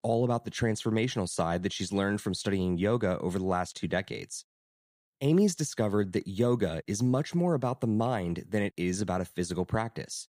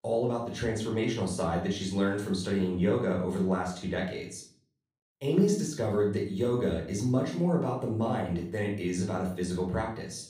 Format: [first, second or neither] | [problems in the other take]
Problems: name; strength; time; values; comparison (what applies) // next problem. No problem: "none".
first | off-mic speech; somewhat distant // room echo; slight; dies away in 0.4 s